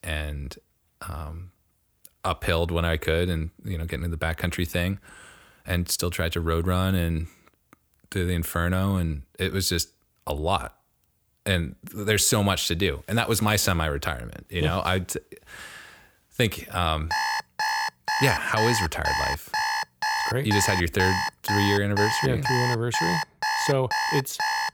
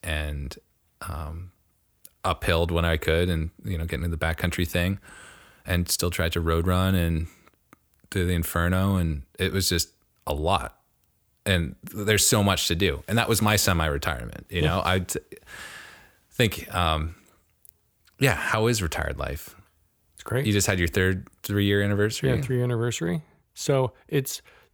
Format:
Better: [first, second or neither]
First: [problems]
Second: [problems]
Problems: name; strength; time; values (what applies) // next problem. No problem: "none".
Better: second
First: alarm; loud; from 17 s on; peak 1 dB above the speech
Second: none